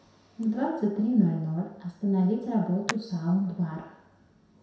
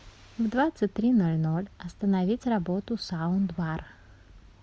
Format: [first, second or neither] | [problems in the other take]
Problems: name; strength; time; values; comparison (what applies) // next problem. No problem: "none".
second | background sound (Hands); 18 dB below the speech // room echo; dies away in 0.7 s